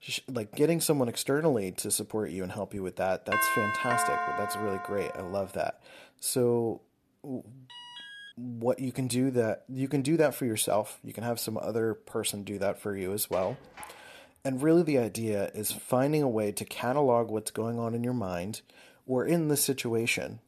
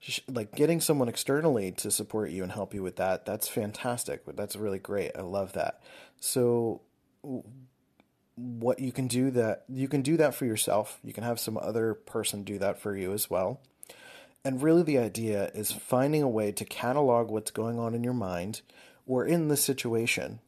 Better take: second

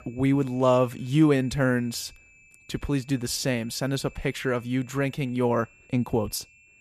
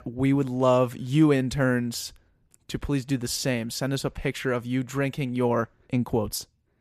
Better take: second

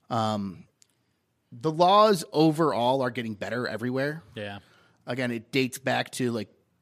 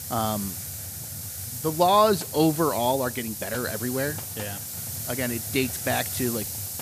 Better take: first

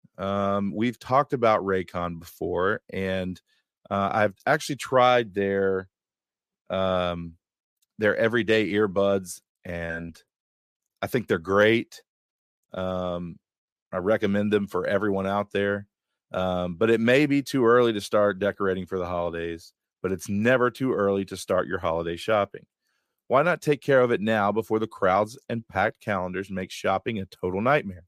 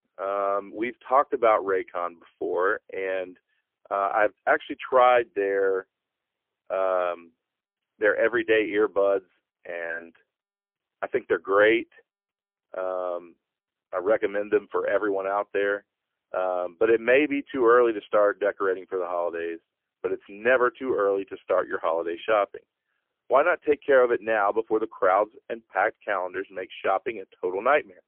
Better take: first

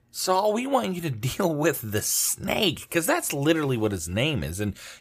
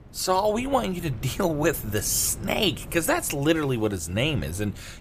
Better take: first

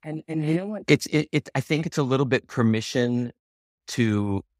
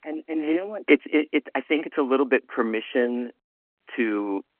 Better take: first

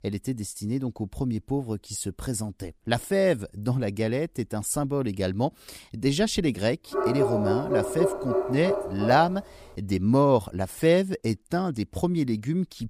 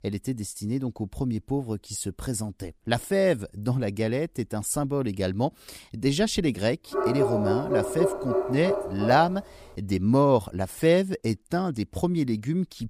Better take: neither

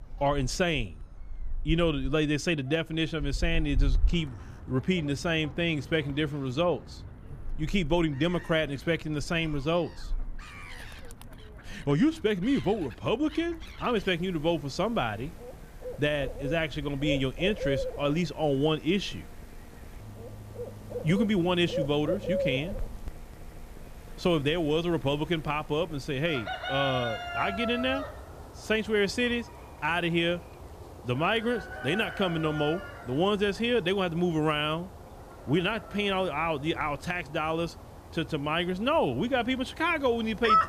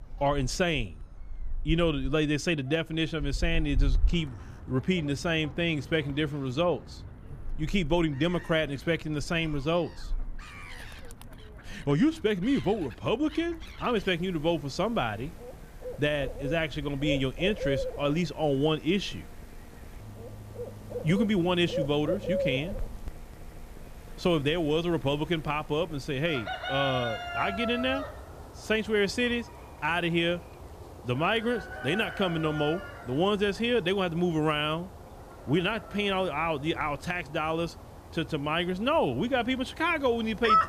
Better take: neither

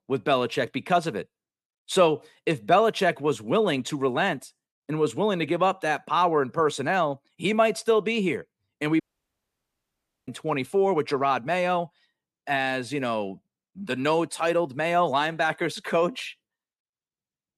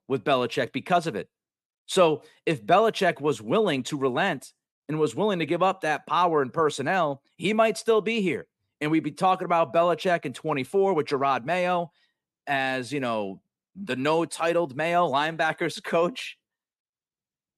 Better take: second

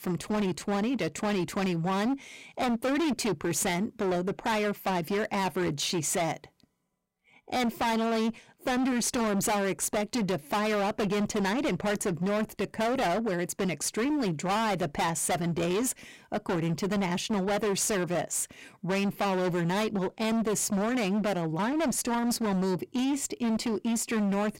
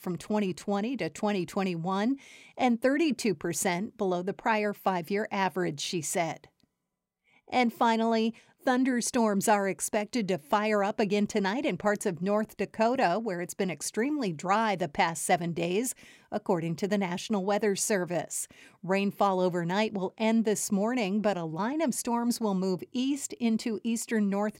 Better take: second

